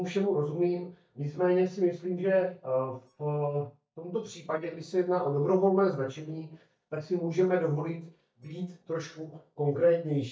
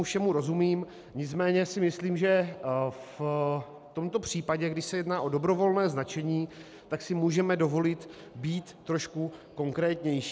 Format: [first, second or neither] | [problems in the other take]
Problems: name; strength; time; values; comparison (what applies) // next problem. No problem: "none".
second | noise reduction (neural mask model DeepFilterNet 3)